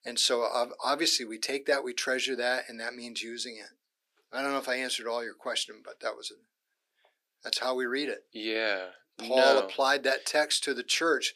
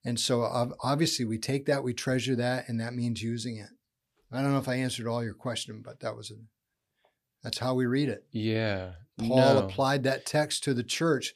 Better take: second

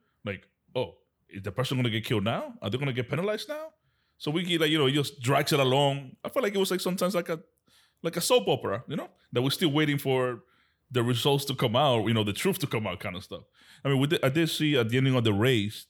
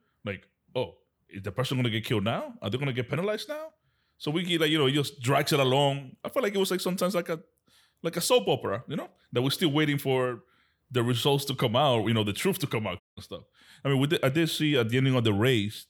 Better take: first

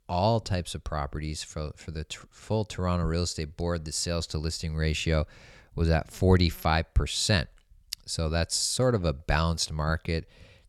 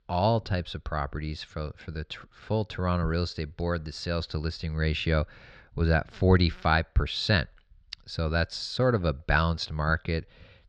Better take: first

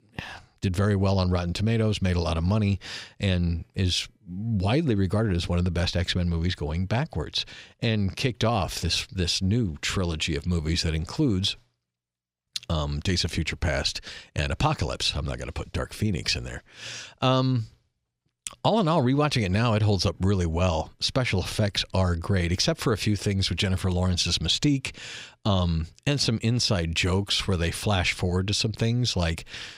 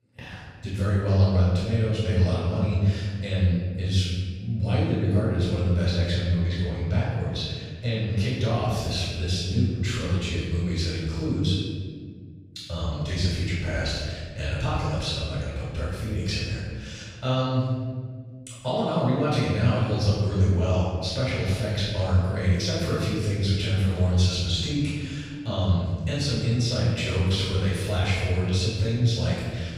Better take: first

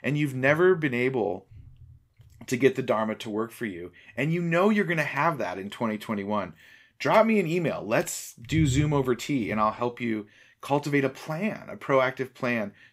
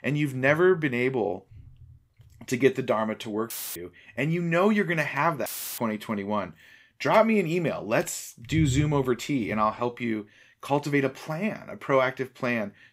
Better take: first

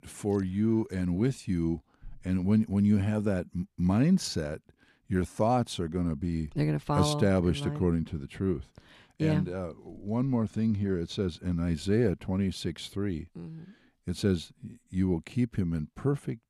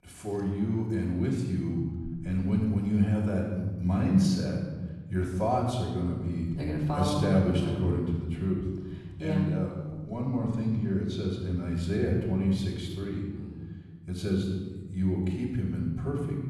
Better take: first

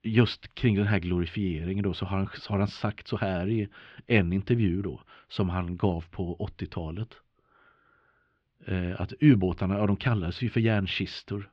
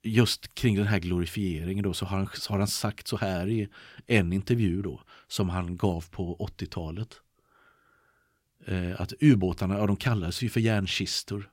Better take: second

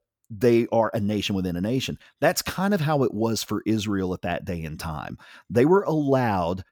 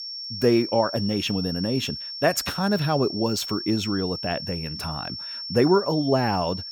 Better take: first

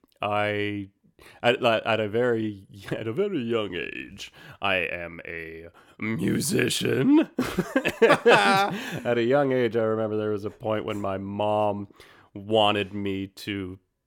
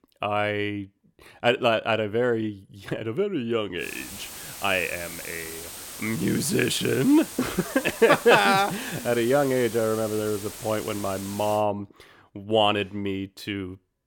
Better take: first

